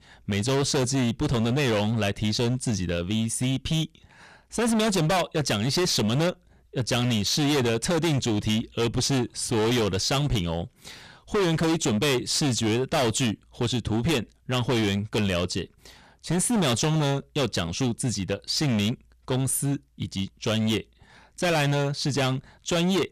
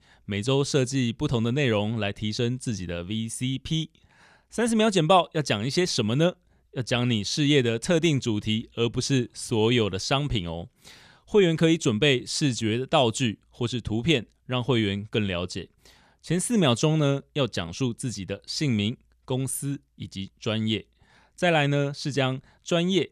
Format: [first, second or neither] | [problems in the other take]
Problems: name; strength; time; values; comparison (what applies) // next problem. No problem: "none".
second | distortion; heavy; 22% of the sound clipped